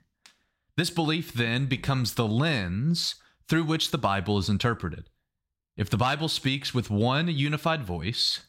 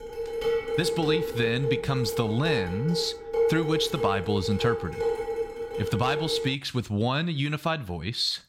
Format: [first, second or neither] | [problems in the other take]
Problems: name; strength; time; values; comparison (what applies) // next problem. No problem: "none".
first | clattering dishes; loud; until 6.5 s; peak 2 dB above the speech